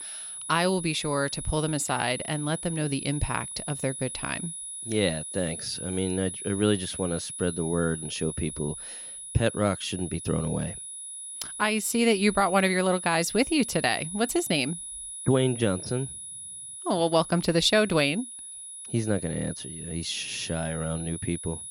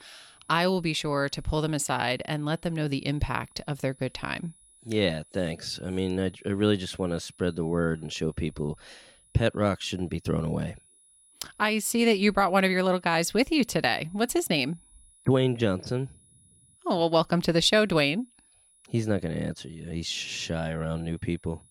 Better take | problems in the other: second | high-pitched whine; loud; throughout; 10.5 kHz, 8 dB below the speech; faint in the second

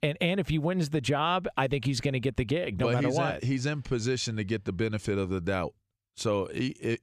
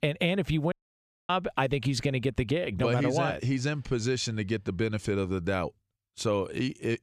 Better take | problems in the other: first | audio cutting out; at 0.5 s for 0.5 s

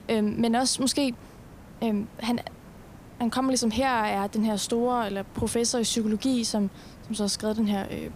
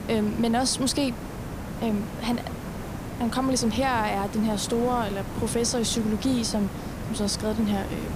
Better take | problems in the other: first | hiss; loud; throughout; 9 dB below the speech; faint in the first

